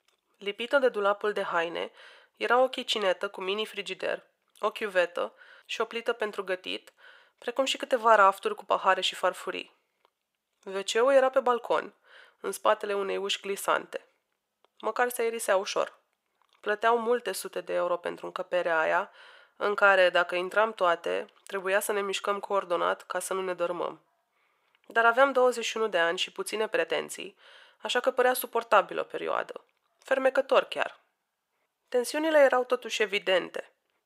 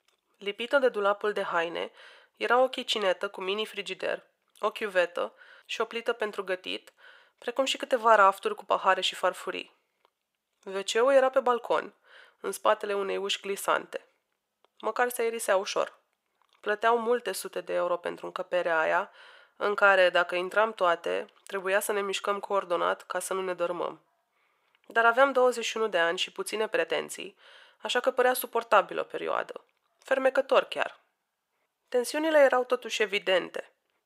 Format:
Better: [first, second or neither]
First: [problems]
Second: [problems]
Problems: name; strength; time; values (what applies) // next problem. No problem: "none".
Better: neither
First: thin; very; fading below 700 Hz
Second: thin; very; fading below 700 Hz